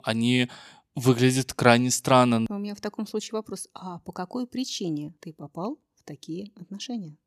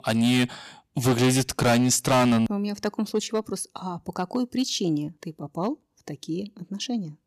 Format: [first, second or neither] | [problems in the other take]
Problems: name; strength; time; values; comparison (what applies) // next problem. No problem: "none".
first | distortion; heavy; 7% of the sound clipped